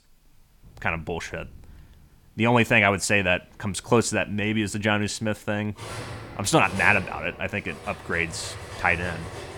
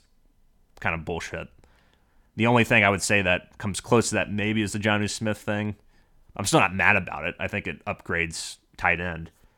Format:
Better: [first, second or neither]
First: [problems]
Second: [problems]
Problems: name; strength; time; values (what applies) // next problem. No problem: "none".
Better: second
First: clattering dishes; faint; peak 10 dB below the speech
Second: none